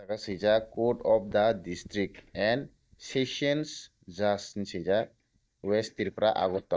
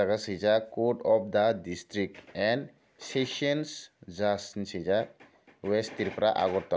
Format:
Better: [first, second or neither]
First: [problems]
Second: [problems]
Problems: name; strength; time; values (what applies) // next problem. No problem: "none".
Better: second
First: noise reduction (neural mask model DeepFilterNet 3)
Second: none